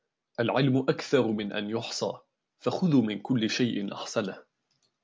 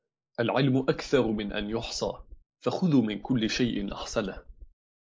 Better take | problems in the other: first | noise reduction (neural mask model Resemble Enhance denoiser)

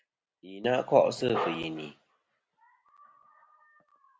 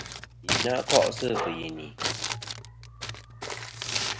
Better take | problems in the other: first | background sound (Crumpling, crinkling); 1 dB below the speech

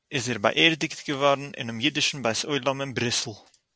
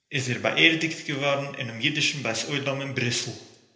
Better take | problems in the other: first | room echo; dies away in 0.9 s

